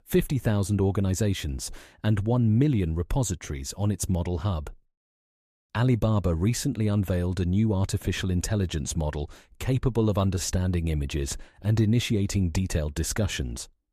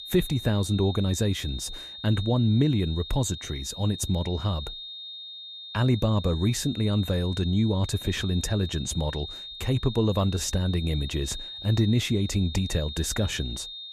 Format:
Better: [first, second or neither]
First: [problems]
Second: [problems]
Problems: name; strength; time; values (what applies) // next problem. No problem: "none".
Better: first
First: none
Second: high-pitched whine; noticeable; throughout; 3.5 kHz, 10 dB below the speech